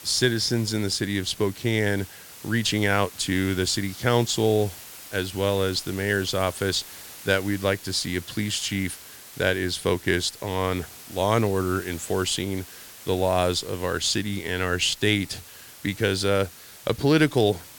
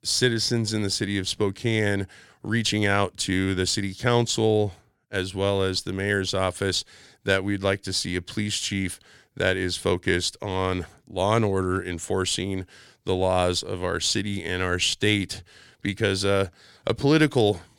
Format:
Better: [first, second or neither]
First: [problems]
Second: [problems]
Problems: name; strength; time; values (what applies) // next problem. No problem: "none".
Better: second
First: hiss; noticeable; throughout; 15 dB below the speech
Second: none